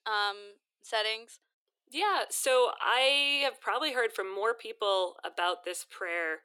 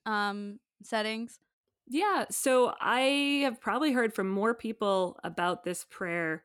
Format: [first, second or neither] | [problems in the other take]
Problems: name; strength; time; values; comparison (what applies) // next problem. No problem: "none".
second | thin; very; fading below 400 Hz